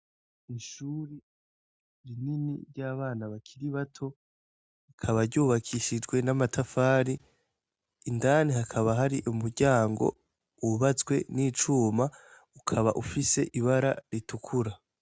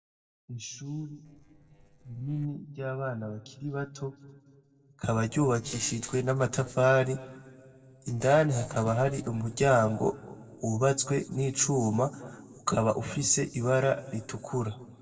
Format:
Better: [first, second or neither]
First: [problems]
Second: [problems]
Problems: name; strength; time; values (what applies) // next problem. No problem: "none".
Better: first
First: none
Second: noise reduction (neural separator model SepFormer DNS4)